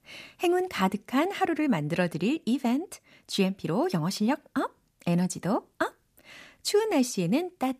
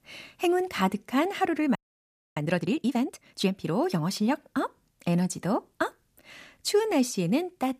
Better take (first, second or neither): first